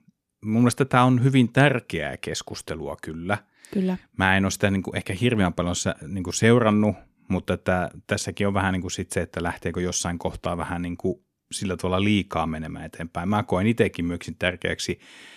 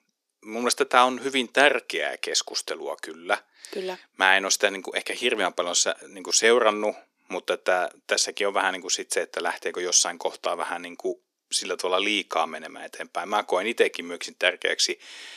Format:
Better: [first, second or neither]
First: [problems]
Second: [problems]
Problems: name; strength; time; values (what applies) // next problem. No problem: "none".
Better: first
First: none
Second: thin; very; fading below 350 Hz